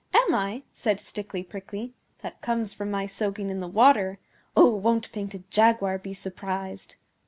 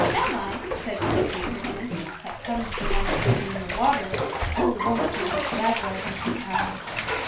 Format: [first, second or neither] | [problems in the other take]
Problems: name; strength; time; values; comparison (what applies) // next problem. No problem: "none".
first | background sound (Bathtub (filling or washing)); 3 dB above the speech // room echo; dies away in 0.2 s